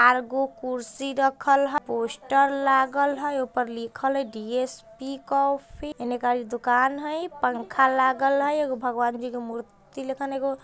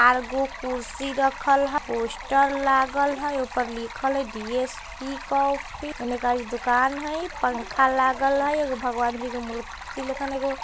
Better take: first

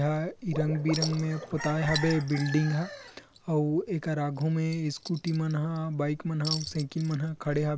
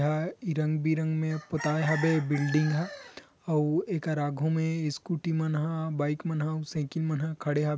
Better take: second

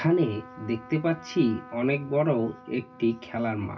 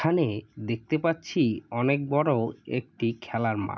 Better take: second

